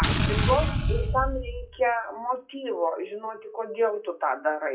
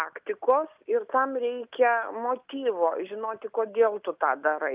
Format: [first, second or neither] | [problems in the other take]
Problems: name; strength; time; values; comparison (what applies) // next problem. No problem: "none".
second | noise reduction (classical method WPE with log-MMSE)